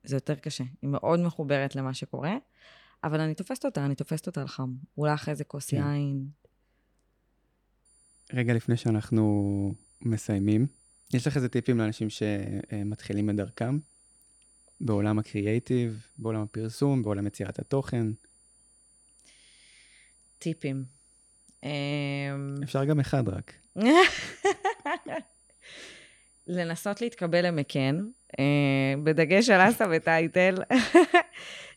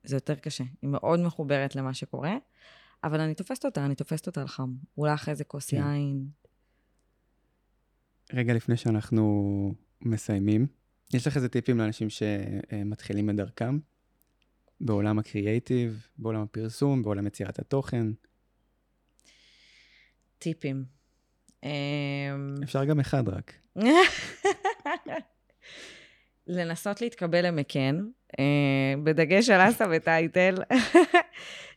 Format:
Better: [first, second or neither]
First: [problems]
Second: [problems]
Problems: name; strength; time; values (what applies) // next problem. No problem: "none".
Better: second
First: high-pitched whine; faint; from 8 s on; 9.5 kHz, 30 dB below the speech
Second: none